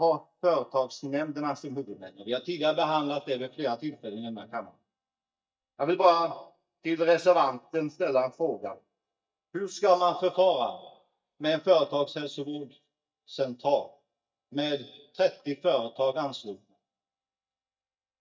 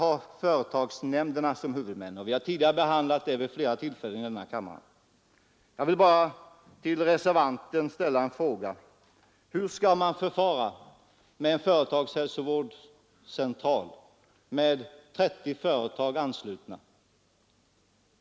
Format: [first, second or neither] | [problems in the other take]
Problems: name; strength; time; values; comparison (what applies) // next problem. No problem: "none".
second | noise reduction (neural mask model DeepFilterNet 3)